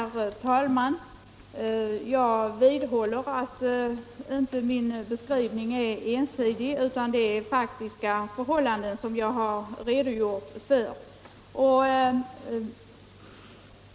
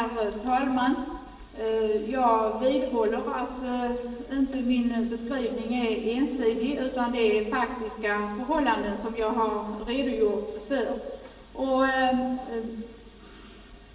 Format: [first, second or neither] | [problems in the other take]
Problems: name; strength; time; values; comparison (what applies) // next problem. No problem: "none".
first | room echo; dies away in 1.1 s